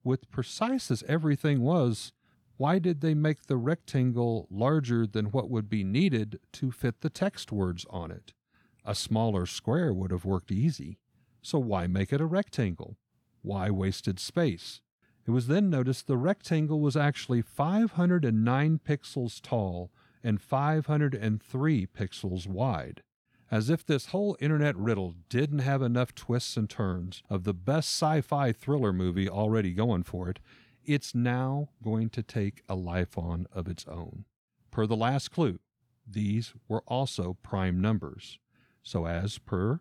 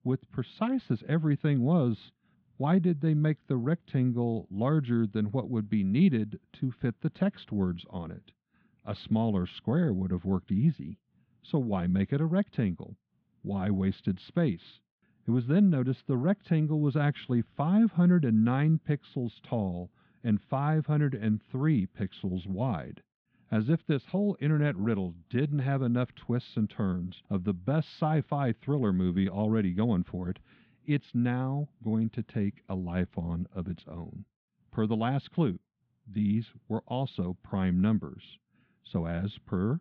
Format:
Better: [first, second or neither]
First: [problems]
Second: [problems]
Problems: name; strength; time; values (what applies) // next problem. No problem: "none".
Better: first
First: none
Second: muffled; very; fading above 3.5 kHz